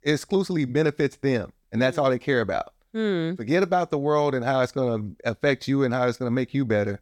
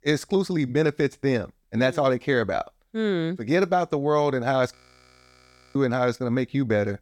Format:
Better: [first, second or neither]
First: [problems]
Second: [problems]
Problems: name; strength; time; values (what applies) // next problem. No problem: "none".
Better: first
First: none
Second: audio freezing; at 5 s for 1 s